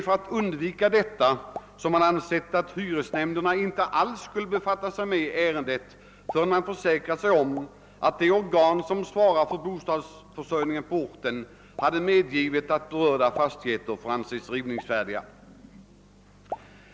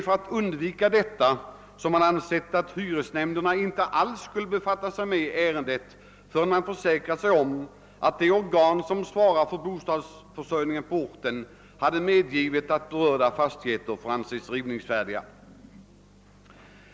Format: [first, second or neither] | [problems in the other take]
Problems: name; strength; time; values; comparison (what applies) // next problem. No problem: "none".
second | background sound (Explosion); 19 dB below the speech